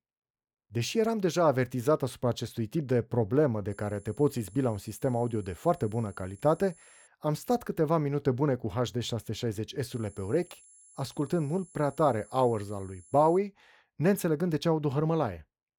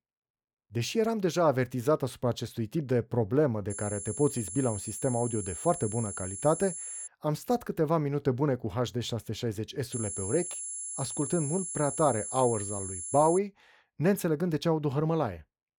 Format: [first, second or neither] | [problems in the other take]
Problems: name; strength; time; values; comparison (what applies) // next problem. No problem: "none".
first | high-pitched whine; loud; from 3.5 to 7 s and from 10 to 13 s; 10 kHz, 6 dB below the speech; faint in the first